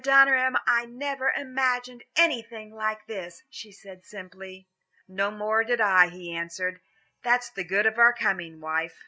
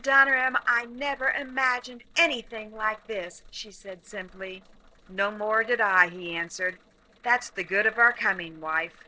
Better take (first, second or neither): first